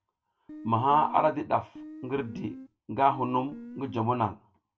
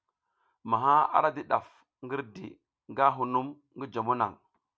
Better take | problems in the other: second | background sound (Guitar); 15 dB below the speech // room echo; dies away in 0.1 s

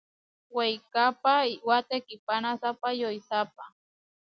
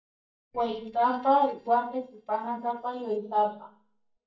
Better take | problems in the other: first | noise reduction (neural mask model DeepFilterNet 3)

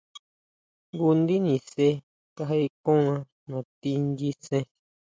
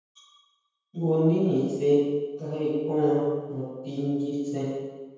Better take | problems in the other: first | room echo; dies away in 1.2 s

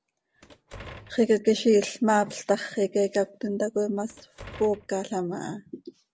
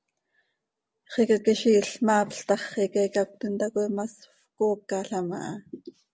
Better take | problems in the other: second | background sound (Door); 20 dB below the speech

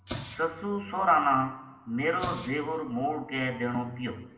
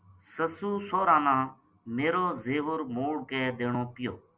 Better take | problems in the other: second | background sound (Explosion); 16 dB below the speech // room echo; dies away in 1.1 s

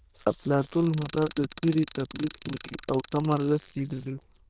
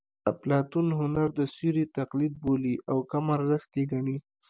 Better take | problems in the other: second | noise reduction (neural diffusion model UNIVERSE++)

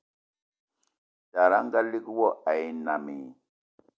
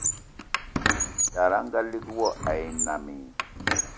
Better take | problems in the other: first | background sound (Squeak); as loud as the speech

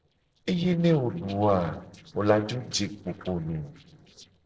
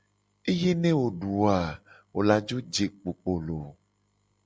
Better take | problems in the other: second | noise reduction (neural separator model SepFormer DNS4)

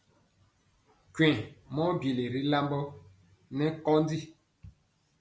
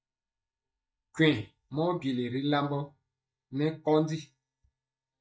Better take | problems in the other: first | noise reduction (neural mask model DeepFilterNet 3)

